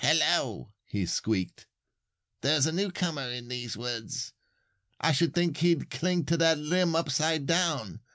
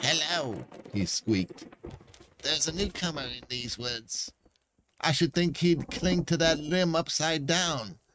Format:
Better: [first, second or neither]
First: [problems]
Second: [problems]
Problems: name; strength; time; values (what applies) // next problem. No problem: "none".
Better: first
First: none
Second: noise reduction (neural mask model RNNoise)